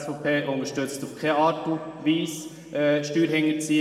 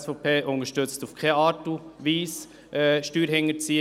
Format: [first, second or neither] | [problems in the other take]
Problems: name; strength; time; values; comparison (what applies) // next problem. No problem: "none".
second | room echo; dies away in 1.8 s